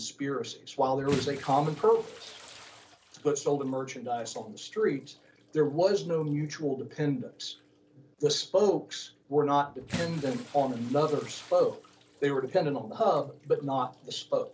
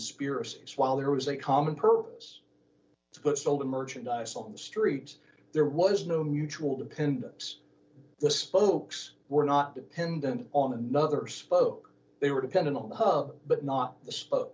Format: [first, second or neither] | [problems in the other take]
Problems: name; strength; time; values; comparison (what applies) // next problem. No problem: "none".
second | background sound (Bathtub (filling or washing) / Splash, splatter); 18 dB below the speech